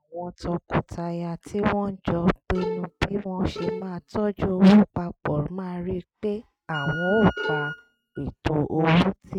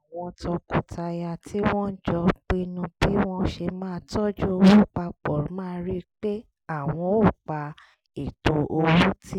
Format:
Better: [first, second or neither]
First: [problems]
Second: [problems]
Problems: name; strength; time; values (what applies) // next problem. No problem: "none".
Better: second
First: noise reduction (neural mask model RNNoise)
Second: none